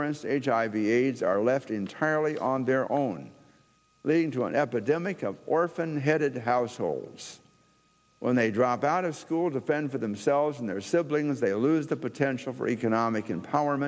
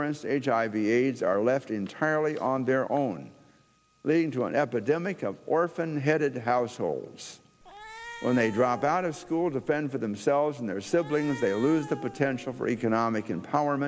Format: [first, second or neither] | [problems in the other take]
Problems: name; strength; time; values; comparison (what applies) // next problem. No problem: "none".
first | background sound (Cat); 17 dB below the speech